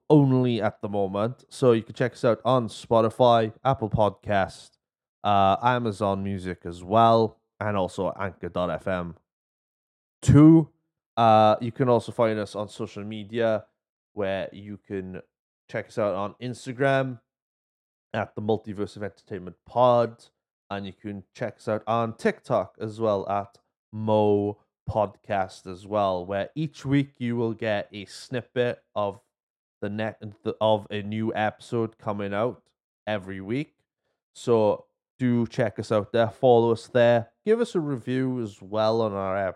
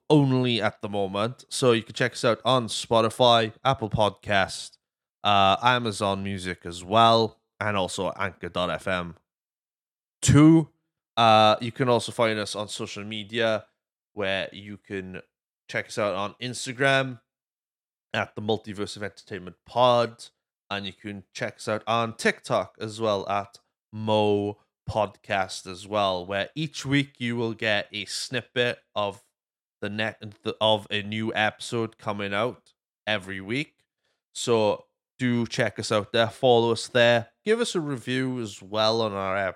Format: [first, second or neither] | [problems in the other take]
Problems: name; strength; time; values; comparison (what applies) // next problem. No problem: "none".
second | muffled; slightly; fading above 1.5 kHz